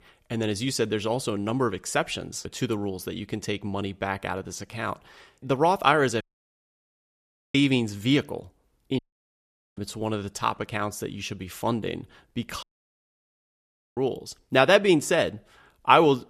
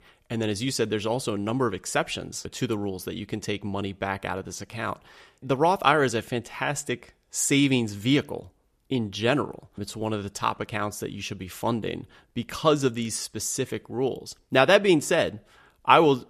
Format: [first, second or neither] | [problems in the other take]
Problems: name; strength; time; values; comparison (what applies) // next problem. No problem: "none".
second | audio cutting out; at 6 s for 1.5 s, at 9 s for 1 s and at 13 s for 1.5 s